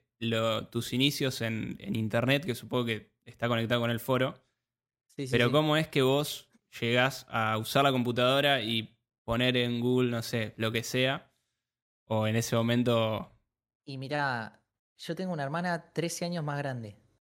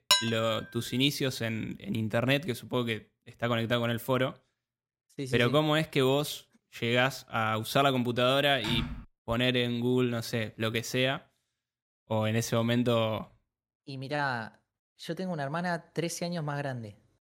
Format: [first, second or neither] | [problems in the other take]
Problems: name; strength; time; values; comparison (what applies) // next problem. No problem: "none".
first | clattering dishes; loud; at the start; peak 4 dB above the speech // keyboard typing; noticeable; at 8.5 s; peak 5 dB below the speech